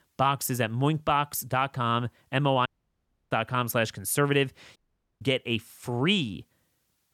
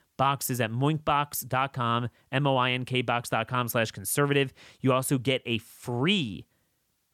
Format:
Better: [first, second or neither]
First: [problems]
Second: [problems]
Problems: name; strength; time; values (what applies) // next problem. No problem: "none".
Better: second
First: audio cutting out; at 2.5 s for 0.5 s and at 5 s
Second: none